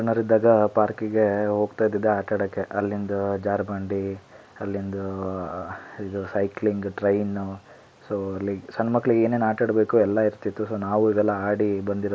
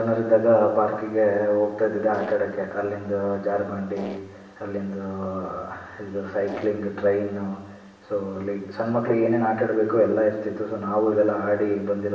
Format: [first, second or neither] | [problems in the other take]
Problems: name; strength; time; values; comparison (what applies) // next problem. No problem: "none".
first | background sound (Fart); 12 dB below the speech // room echo; dies away in 1 s